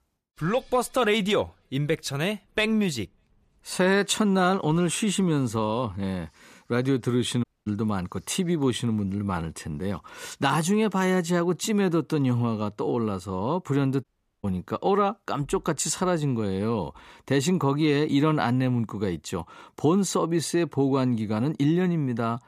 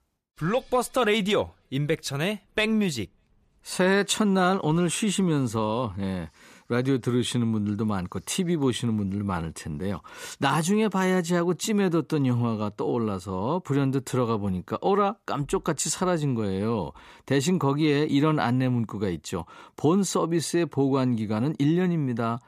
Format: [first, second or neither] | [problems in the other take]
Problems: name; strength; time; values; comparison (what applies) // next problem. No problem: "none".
second | audio cutting out; at 7.5 s and at 14 s